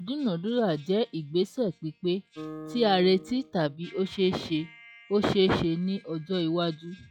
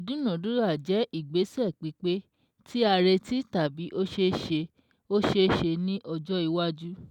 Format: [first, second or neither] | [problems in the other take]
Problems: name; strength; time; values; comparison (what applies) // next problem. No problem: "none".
second | noise reduction (classical method log-MMSE)